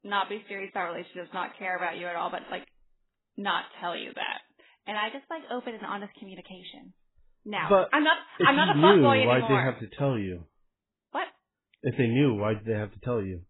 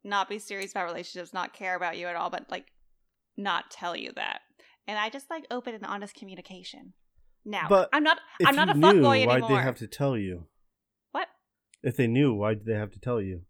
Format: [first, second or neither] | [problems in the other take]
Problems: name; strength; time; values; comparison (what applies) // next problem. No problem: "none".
second | garbled, watery; badly; nothing above 4 kHz